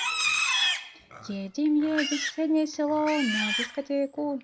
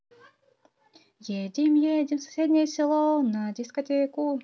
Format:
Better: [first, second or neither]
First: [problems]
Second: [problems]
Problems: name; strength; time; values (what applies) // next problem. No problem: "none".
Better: second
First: background sound (Livestock, farm animals, working animals); 3 dB below the speech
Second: none